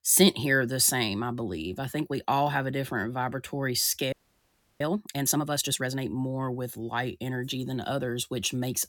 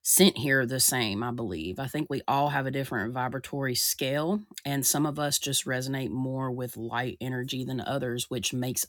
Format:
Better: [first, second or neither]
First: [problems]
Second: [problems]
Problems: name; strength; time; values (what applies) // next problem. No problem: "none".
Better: second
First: audio freezing; at 4 s for 0.5 s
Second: none